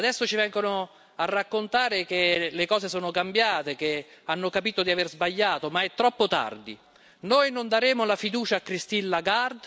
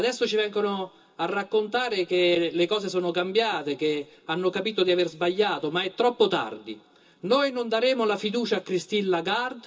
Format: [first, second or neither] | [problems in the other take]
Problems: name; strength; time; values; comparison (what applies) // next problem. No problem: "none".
first | room echo; dies away in 0.2 s